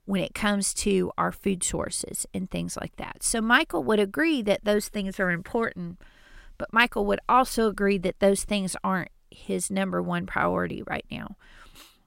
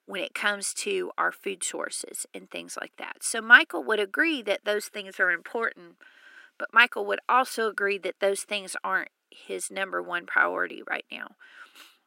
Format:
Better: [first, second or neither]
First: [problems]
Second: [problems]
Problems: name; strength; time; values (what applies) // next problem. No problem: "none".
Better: first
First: none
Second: thin; very; fading below 300 Hz